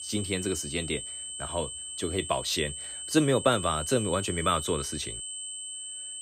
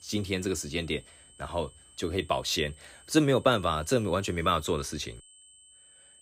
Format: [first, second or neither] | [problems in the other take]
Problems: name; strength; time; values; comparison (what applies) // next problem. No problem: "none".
second | high-pitched whine; loud; throughout; 8 kHz, 6 dB below the speech; faint in the second